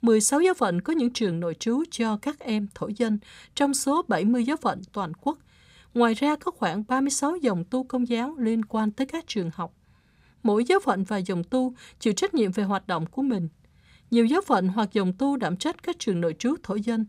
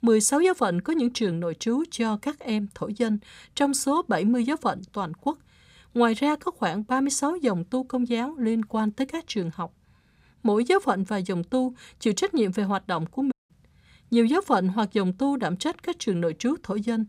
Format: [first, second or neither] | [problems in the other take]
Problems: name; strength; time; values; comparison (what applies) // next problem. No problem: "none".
first | audio cutting out; at 13 s